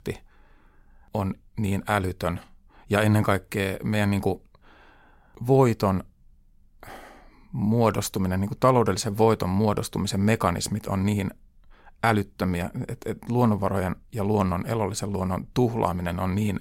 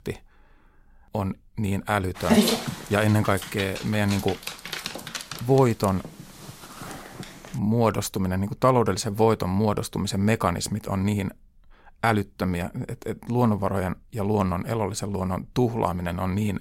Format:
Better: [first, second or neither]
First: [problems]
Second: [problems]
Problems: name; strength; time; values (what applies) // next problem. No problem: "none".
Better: first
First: none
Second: dog barking; loud; from 2.5 to 7 s; peak 5 dB above the speech